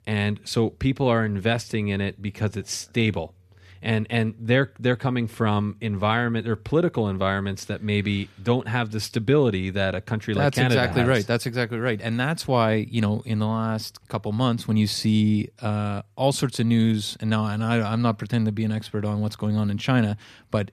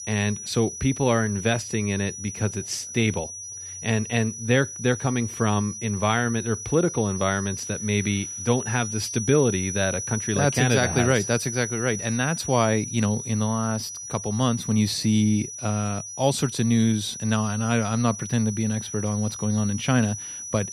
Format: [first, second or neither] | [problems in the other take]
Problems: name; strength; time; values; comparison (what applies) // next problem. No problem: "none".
first | high-pitched whine; loud; throughout; 6 kHz, 8 dB below the speech